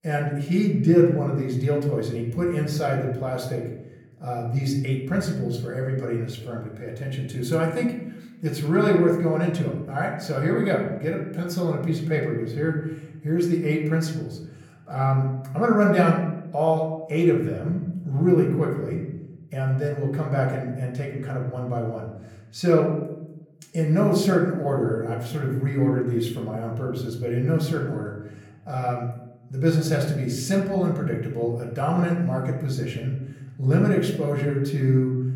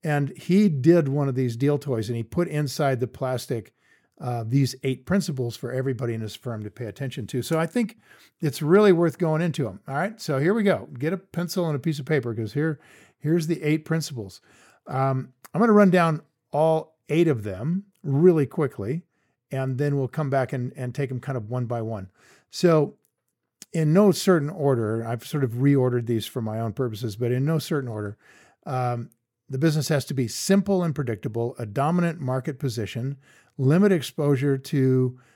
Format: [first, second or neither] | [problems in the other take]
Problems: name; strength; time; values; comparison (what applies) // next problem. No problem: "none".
second | room echo; slight; dies away in 0.8 s // off-mic speech; somewhat distant